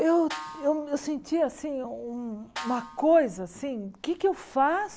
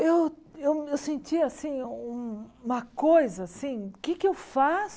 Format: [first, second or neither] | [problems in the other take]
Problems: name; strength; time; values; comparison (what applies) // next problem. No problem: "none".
second | background sound (Snare drum); 16 dB below the speech